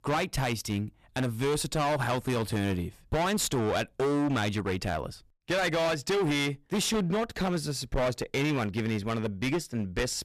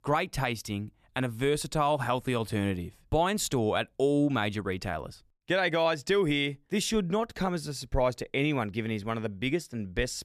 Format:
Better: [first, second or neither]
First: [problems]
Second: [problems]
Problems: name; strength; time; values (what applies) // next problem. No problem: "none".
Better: second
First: distortion; heavy; 21% of the sound clipped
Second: none